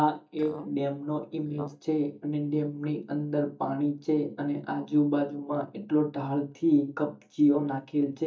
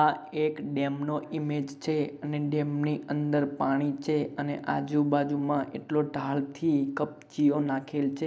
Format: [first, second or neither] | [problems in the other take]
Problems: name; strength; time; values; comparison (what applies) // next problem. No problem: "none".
second | noise reduction (neural mask model DeepFilterNet 3)